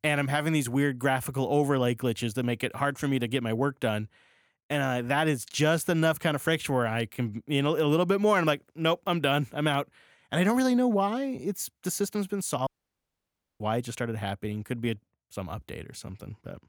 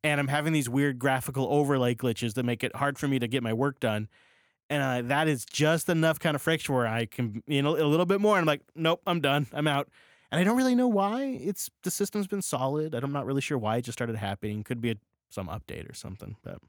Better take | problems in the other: second | audio cutting out; at 13 s for 1 s

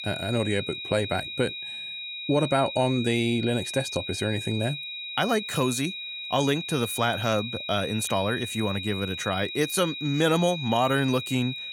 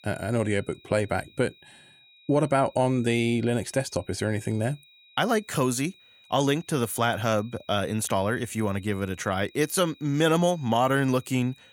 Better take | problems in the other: second | high-pitched whine; loud; throughout; 4 kHz, 6 dB below the speech; faint in the second

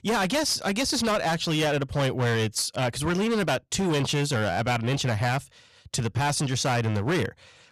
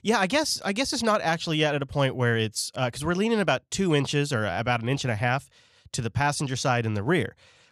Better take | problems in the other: second | distortion; heavy; 21% of the sound clipped

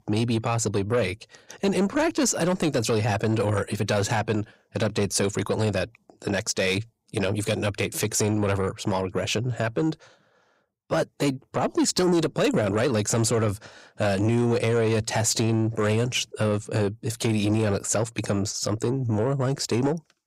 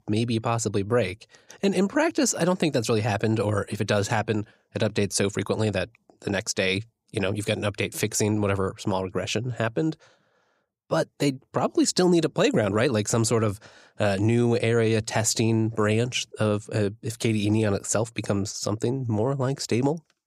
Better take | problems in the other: second | distortion; slight; 10 dB below the speech

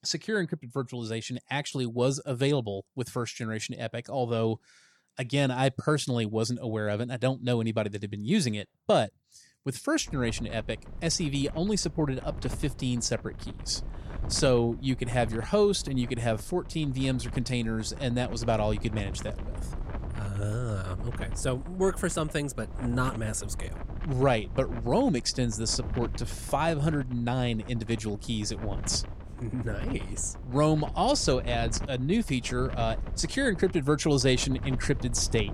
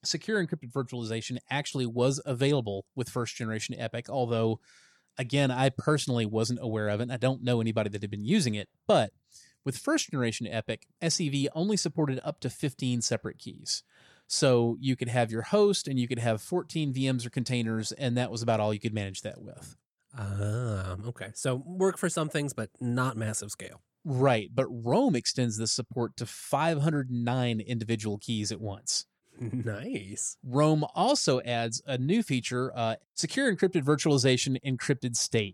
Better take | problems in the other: second | wind noise on the microphone; occasional gusts; from 10 s on; 15 dB below the speech

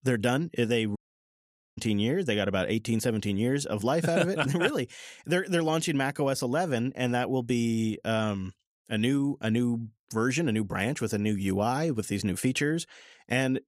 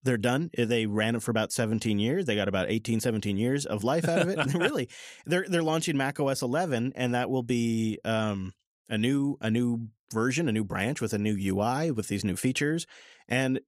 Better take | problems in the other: second | audio cutting out; at 1 s for 1 s

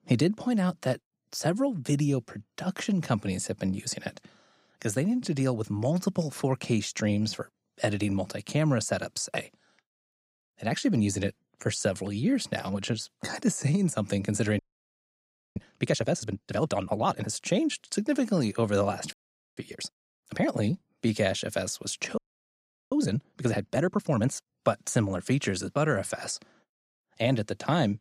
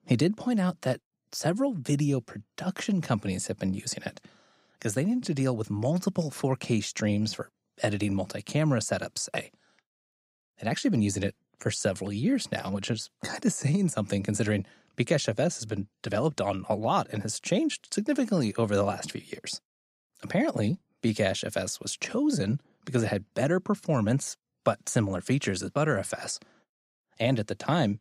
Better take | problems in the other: second | audio freezing; at 15 s for 1 s, at 19 s and at 22 s for 0.5 s

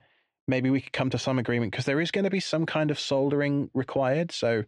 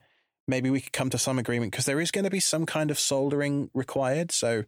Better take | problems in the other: second | muffled; slightly; fading above 4 kHz

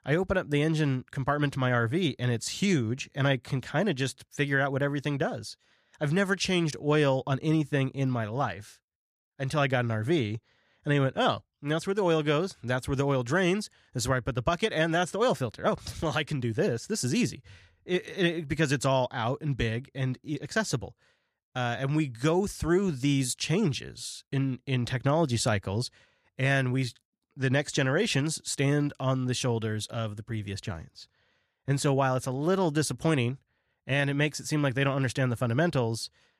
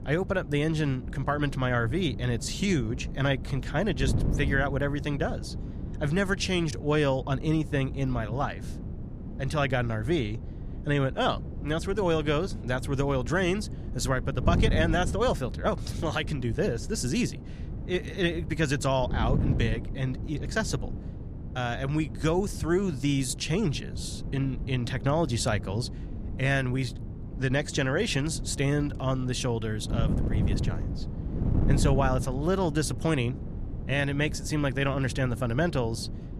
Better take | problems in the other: first | wind noise on the microphone; occasional gusts; 15 dB below the speech

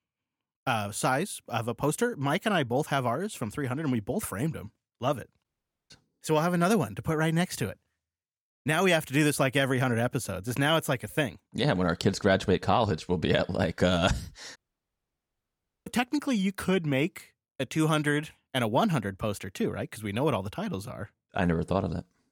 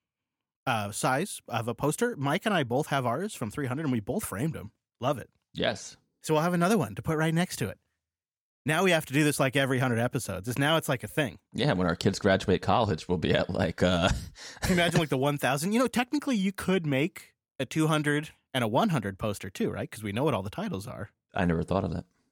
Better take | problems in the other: second | audio cutting out; at 5.5 s and at 15 s for 1.5 s

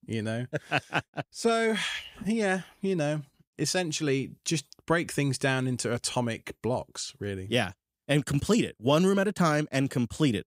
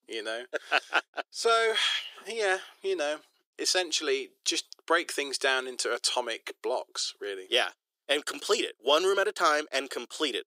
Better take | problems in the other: first | thin; very; fading below 350 Hz

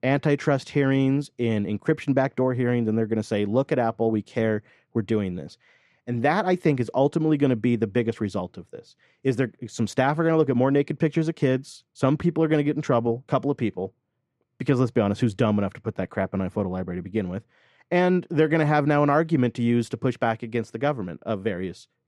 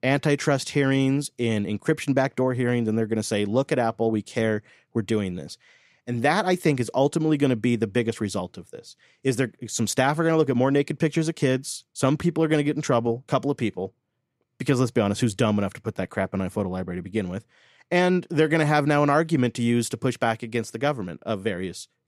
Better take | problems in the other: second | muffled; slightly; fading above 2 kHz

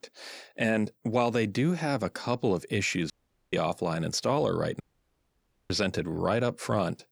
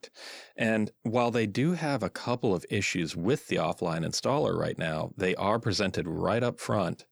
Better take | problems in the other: second | audio cutting out; at 3 s and at 5 s for 1 s

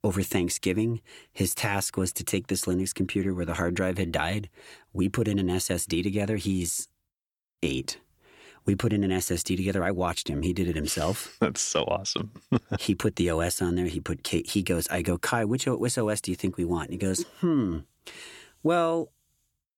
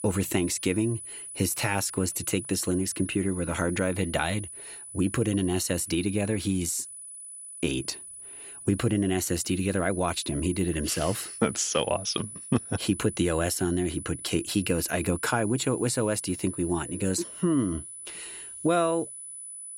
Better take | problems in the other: first | high-pitched whine; noticeable; throughout; 10 kHz, 10 dB below the speech

